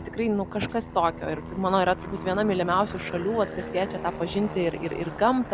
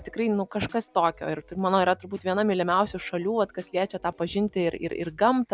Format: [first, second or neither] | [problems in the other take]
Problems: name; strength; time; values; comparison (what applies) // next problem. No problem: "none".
second | background sound (Aircraft); 10 dB below the speech